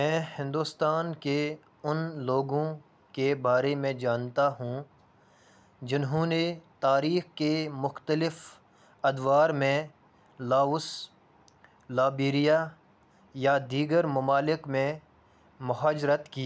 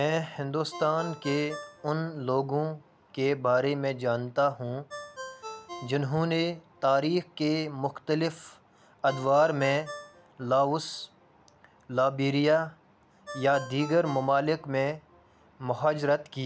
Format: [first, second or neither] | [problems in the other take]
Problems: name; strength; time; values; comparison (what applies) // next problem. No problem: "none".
first | background sound (Ringtone); 18 dB below the speech